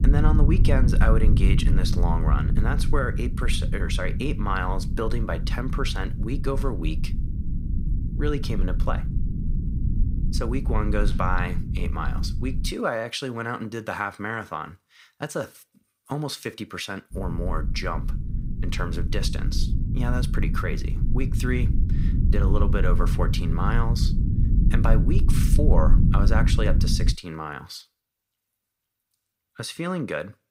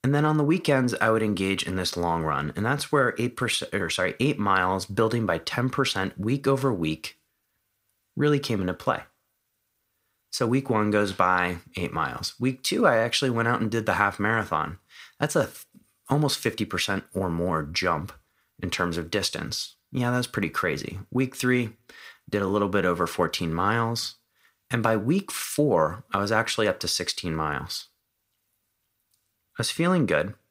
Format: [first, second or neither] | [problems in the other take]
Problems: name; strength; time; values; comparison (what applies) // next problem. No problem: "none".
second | low rumble; loud; until 13 s and from 17 to 27 s; 8 dB below the speech